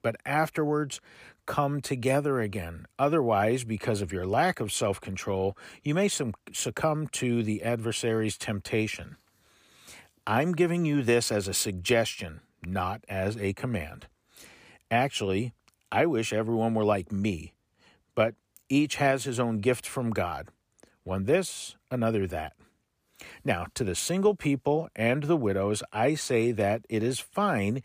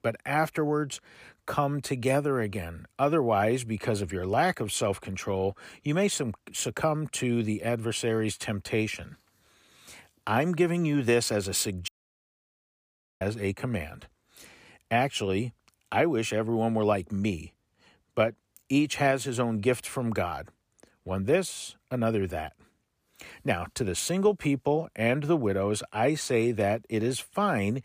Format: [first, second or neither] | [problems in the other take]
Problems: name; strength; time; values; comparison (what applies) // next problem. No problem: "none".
first | audio cutting out; at 12 s for 1.5 s